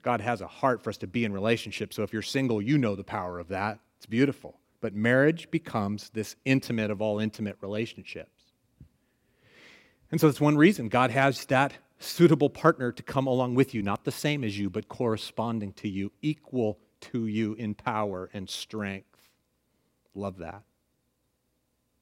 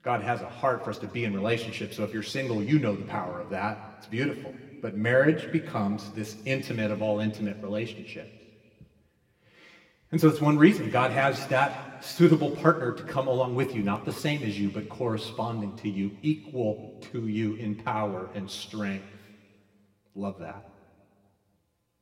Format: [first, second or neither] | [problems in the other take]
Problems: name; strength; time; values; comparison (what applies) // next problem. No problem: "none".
first | room echo; slight; dies away in 1.5 s